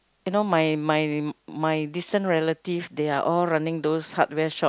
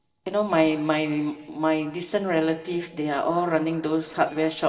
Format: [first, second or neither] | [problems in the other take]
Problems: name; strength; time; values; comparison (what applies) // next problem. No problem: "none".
first | noise reduction (neural separator model SepFormer DNS4)